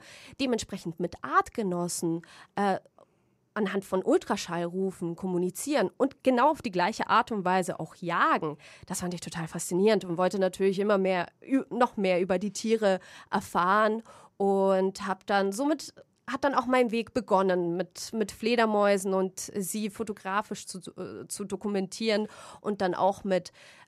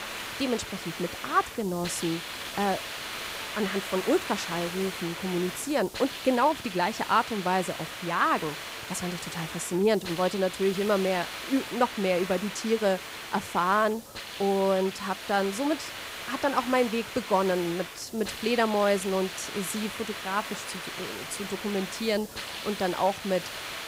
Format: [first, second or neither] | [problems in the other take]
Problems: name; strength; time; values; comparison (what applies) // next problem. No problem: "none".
first | hiss; loud; throughout; 8 dB below the speech